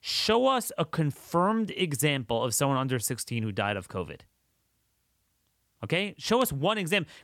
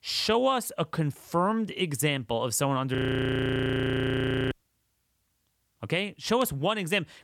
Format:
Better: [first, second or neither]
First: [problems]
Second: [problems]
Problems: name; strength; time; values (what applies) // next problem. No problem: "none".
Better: first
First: none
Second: audio freezing; at 3 s for 1.5 s